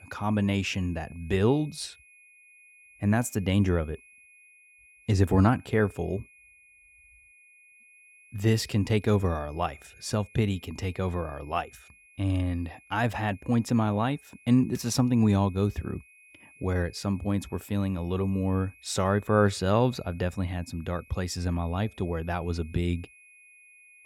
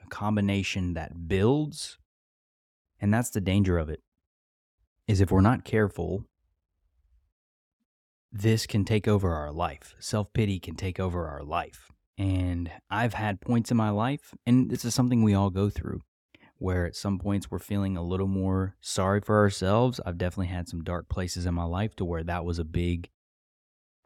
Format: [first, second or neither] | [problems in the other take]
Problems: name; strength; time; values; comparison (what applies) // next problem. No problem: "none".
second | high-pitched whine; faint; throughout; 2.5 kHz, 25 dB below the speech